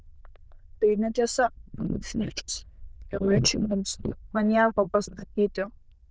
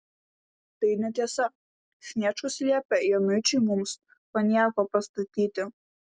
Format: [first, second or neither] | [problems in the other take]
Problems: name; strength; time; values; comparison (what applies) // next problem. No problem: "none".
second | noise reduction (neural diffusion model UNIVERSE++)